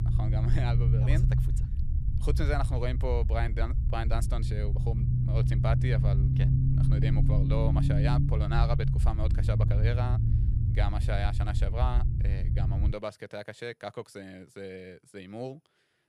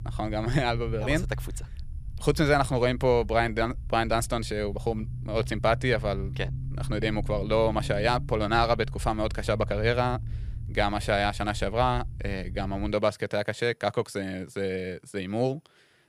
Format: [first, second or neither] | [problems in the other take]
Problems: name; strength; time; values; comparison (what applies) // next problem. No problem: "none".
second | low rumble; loud; until 13 s; 3 dB below the speech; faint in the second